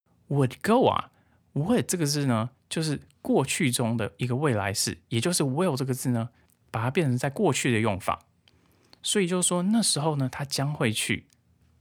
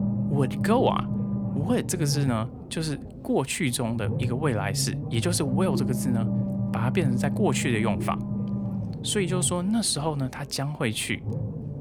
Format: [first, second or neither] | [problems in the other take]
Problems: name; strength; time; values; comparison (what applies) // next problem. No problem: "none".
first | low rumble; loud; throughout; 9 dB below the speech